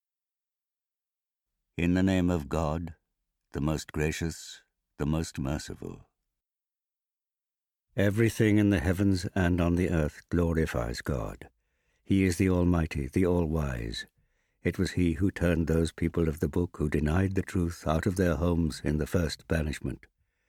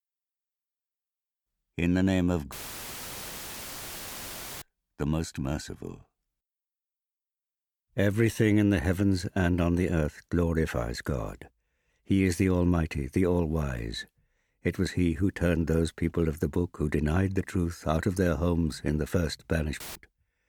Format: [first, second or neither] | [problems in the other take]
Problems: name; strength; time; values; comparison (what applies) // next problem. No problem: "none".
first | audio cutting out; filled with static; at 2.5 s for 2 s and at 20 s